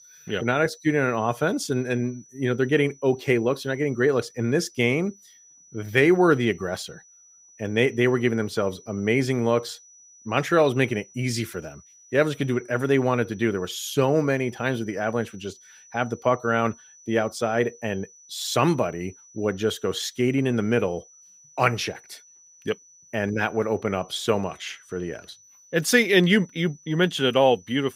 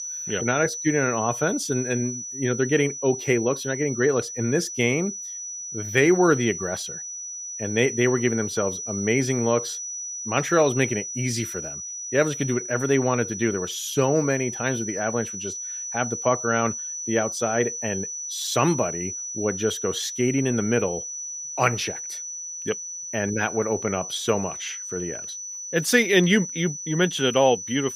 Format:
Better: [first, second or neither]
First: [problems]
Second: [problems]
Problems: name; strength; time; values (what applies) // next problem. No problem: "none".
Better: first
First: high-pitched whine; faint; throughout; 6 kHz, 25 dB below the speech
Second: high-pitched whine; loud; throughout; 6 kHz, 7 dB below the speech